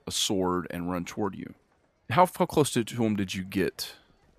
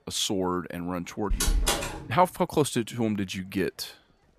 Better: first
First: none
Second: door banging; loud; at 1.5 s; peak 3 dB above the speech

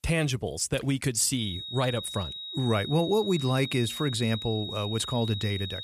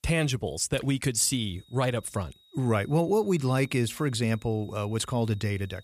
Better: second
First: high-pitched whine; loud; from 1.5 s on; 4 kHz, 7 dB below the speech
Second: high-pitched whine; faint; from 1.5 s on; 4 kHz, 30 dB below the speech

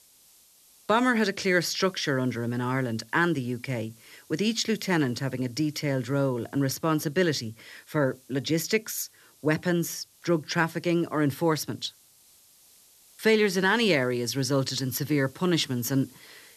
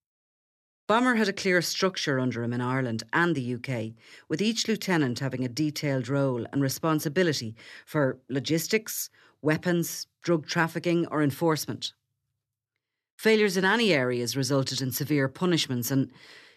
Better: second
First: hiss; faint; throughout; 25 dB below the speech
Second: none

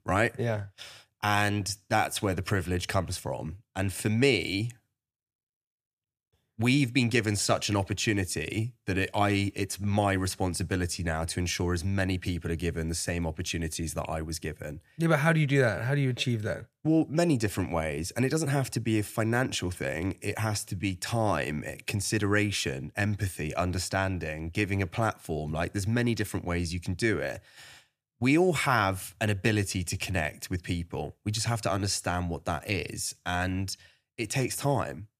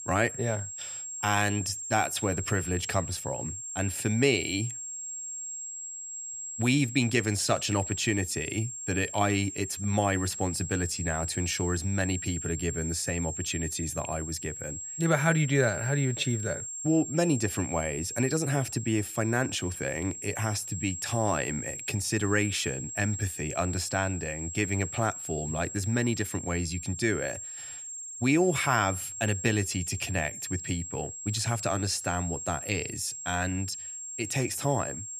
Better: first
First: none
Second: high-pitched whine; loud; throughout; 7.5 kHz, 6 dB below the speech

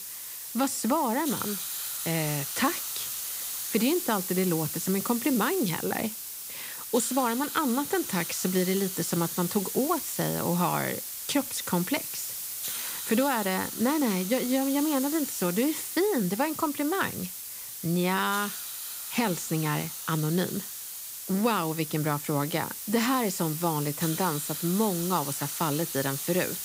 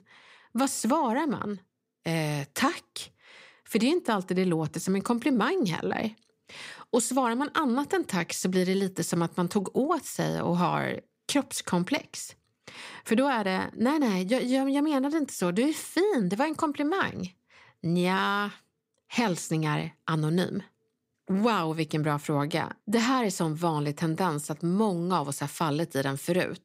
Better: second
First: hiss; loud; throughout; 5 dB below the speech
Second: none

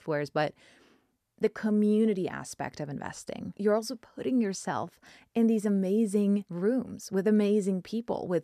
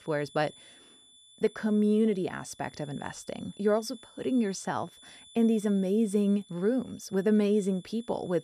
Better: first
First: none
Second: high-pitched whine; faint; throughout; 3.5 kHz, 25 dB below the speech

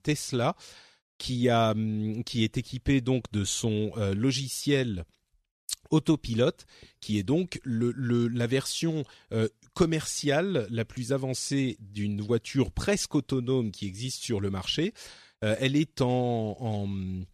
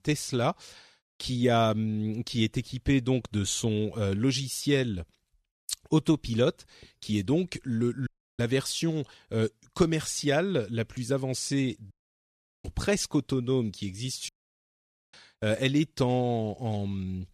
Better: first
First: none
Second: audio cutting out; at 8 s, at 12 s for 0.5 s and at 14 s for 1 s

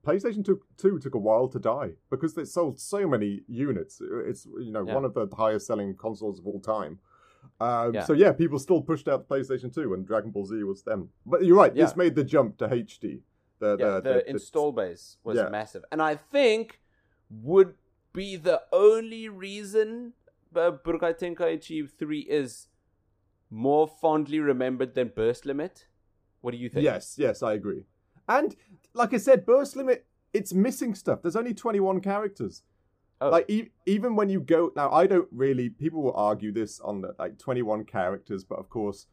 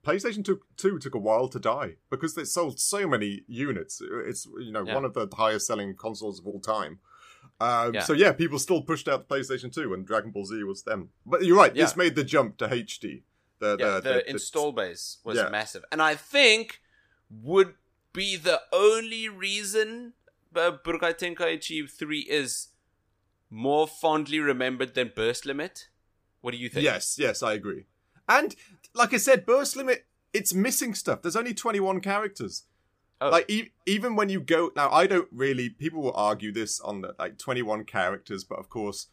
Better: second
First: muffled; slightly; fading above 1.5 kHz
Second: none

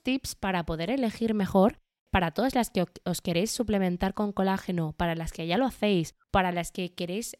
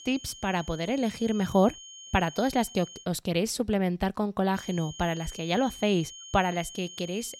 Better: first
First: none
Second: high-pitched whine; noticeable; until 3 s and from 4.5 s on; 3 kHz, 15 dB below the speech

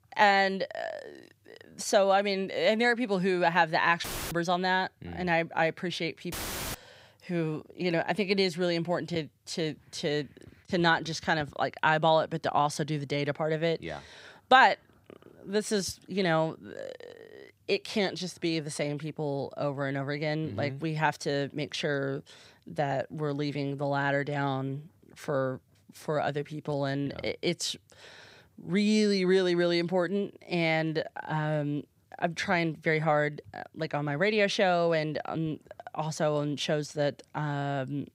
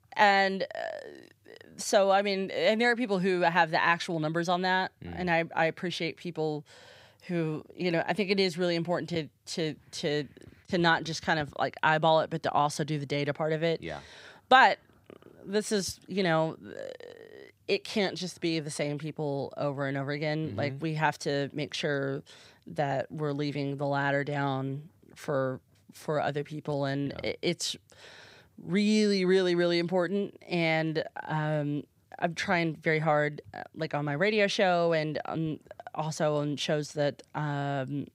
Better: second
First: audio cutting out; filled with static; at 4 s and at 6.5 s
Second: none

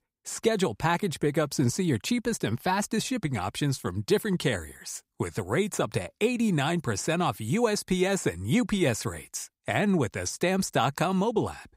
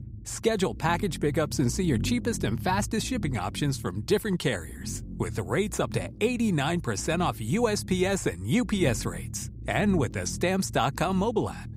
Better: first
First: none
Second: low rumble; noticeable; throughout; 20 dB below the speech

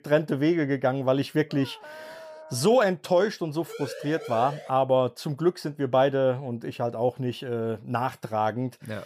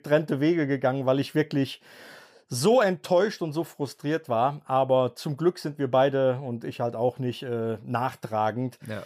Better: second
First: dog barking; faint; from 1.5 to 3 s; peak 15 dB below the speech // siren; faint; from 3.5 to 4.5 s; peak 10 dB below the speech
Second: none

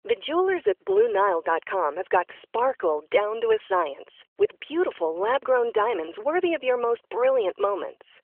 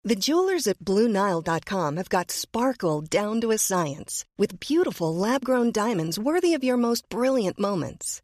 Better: second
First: phone-call audio; nothing above 3.5 kHz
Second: none

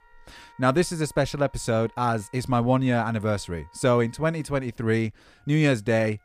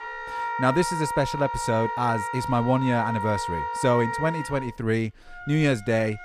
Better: first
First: background music; faint; throughout; 30 dB below the speech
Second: background music; loud; throughout; 5 dB below the speech

